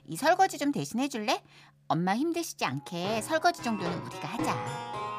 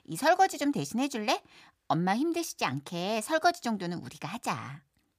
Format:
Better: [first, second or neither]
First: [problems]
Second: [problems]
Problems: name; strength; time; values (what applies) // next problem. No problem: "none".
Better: second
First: background music; loud; throughout; 8 dB below the speech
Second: none